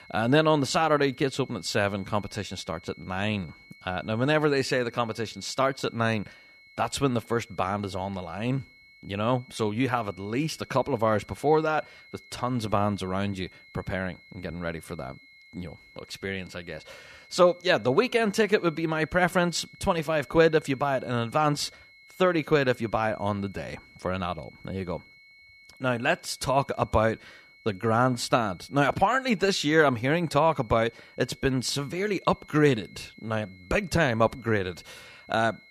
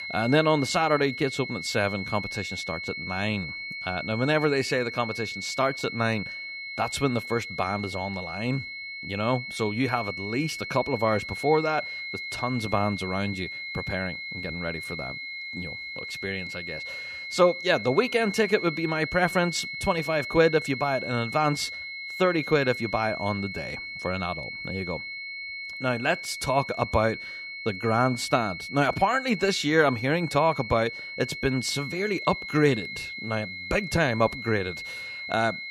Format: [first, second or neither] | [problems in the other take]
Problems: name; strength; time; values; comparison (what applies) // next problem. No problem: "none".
first | high-pitched whine; loud; throughout; 2 kHz, 7 dB below the speech; faint in the first